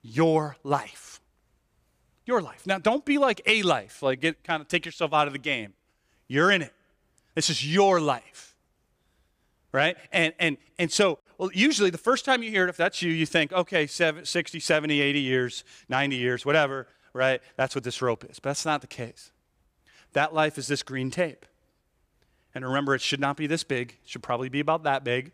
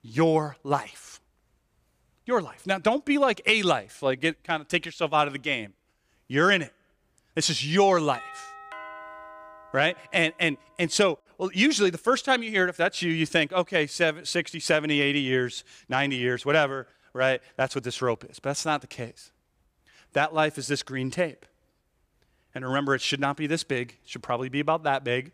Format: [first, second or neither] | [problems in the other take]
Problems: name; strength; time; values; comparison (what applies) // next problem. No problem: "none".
first | doorbell; faint; from 8 to 10 s; peak 15 dB below the speech